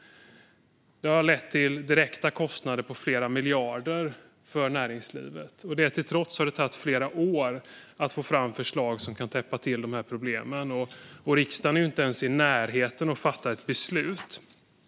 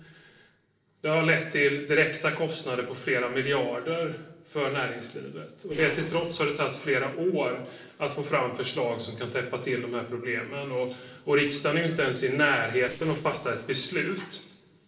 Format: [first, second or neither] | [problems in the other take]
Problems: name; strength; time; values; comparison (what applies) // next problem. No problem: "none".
first | noise reduction (neural separator model SepFormer DNS4)